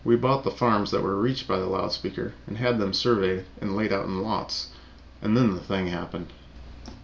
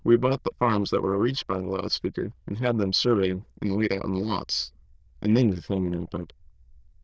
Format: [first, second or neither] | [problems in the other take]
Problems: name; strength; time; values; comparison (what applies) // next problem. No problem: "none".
first | noise reduction (neural diffusion model UNIVERSE++)